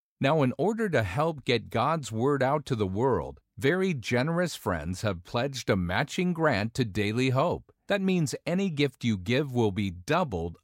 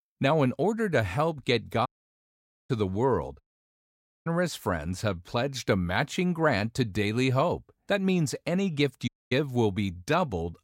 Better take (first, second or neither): first